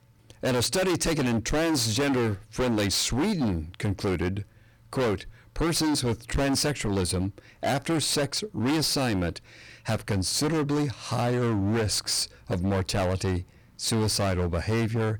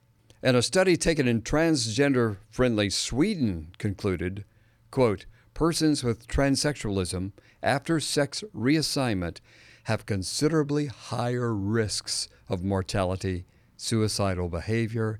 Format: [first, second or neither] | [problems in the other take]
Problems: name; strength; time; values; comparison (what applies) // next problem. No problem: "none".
second | distortion; heavy; 24% of the sound clipped